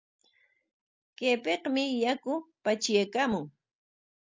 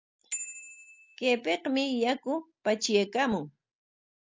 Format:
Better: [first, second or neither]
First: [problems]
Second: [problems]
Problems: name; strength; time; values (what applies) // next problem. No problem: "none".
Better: first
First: none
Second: background sound (Bicycle bell); 14 dB below the speech